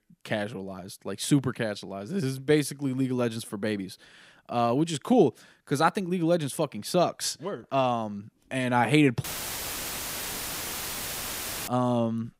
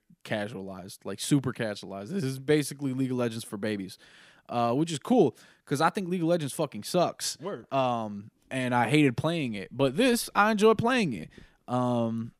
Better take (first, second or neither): second